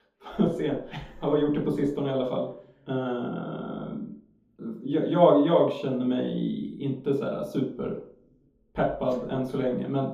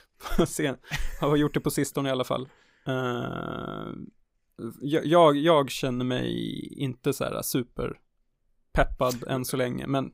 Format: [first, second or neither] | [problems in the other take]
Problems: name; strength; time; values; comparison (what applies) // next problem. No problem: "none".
second | room echo; noticeable; dies away in 0.6 s // off-mic speech; far